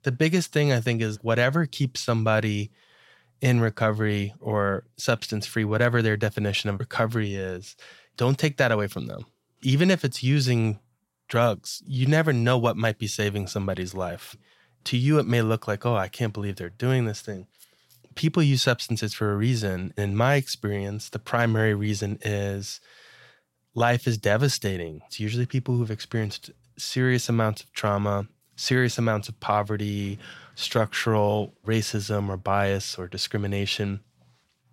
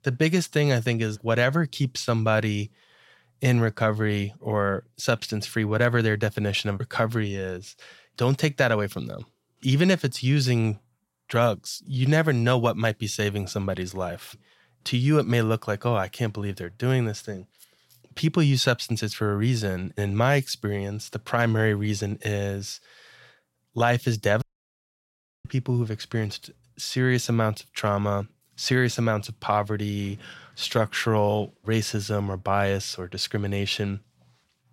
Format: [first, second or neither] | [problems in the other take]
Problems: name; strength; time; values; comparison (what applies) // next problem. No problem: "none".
first | audio cutting out; at 24 s for 1 s